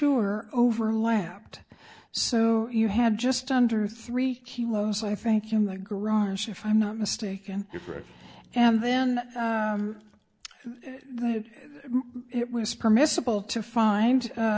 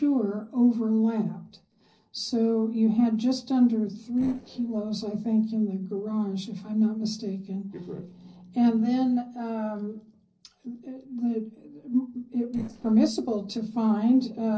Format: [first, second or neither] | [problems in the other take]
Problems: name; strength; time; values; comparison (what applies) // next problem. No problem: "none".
first | noise reduction (neural separator model SepFormer DNS4)